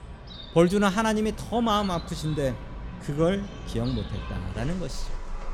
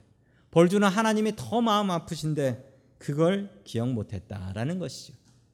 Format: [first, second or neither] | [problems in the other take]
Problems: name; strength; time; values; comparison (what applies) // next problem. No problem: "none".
second | animal sounds; noticeable; throughout; 10 dB below the speech